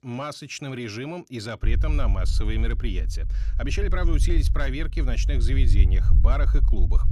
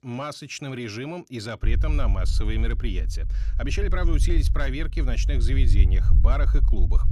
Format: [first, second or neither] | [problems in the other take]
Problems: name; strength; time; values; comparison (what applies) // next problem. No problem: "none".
neither | low rumble; noticeable; from 1.5 s on; 10 dB below the speech; the same in both